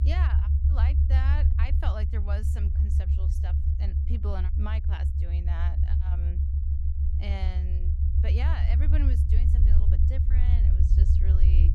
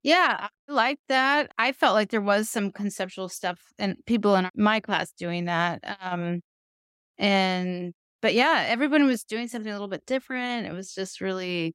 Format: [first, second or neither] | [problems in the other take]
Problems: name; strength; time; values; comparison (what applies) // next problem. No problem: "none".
second | low rumble; loud; throughout; 1 dB below the speech